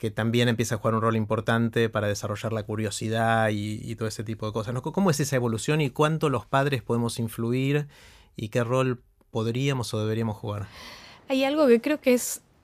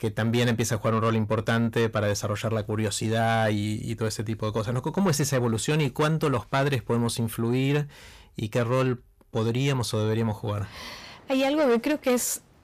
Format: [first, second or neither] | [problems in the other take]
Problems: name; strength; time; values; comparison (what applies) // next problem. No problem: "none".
first | distortion; slight; 10 dB below the speech